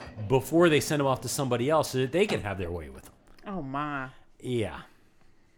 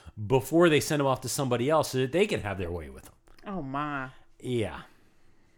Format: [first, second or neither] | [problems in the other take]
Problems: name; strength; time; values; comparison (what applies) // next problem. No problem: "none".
second | household noises; noticeable; throughout; 20 dB below the speech